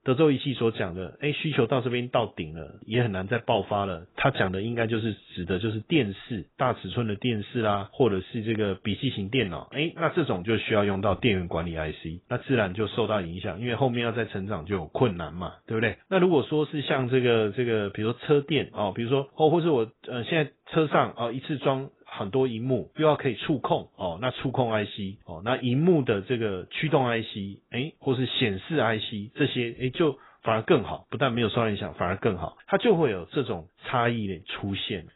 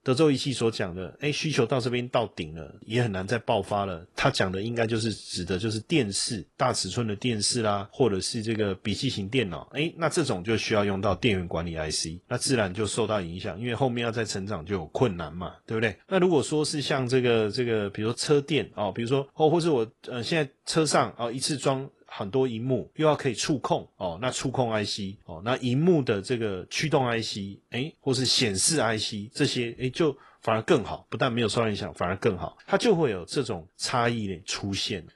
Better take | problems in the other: second | garbled, watery; badly; nothing above 4 kHz; slightly in the second

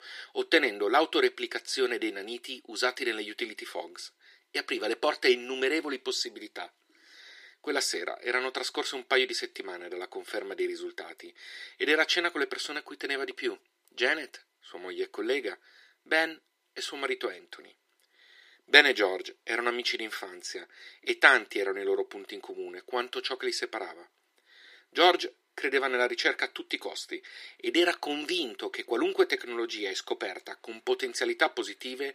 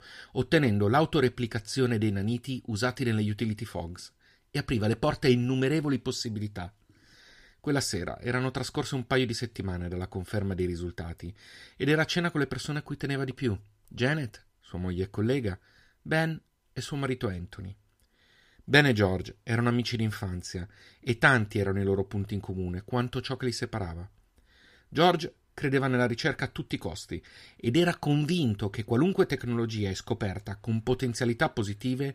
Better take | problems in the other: second | thin; very; fading below 350 Hz

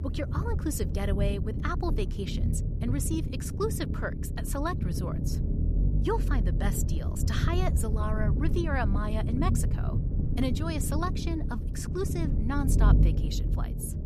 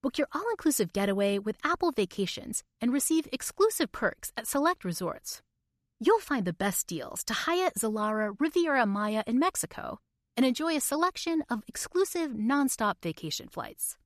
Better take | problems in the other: second | low rumble; loud; throughout; 6 dB below the speech

